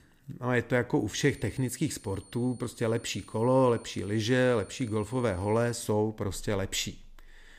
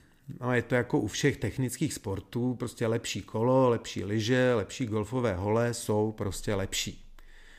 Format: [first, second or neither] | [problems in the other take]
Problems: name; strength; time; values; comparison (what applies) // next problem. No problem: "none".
second | high-pitched whine; faint; from 1 to 6 s; 9 kHz, 25 dB below the speech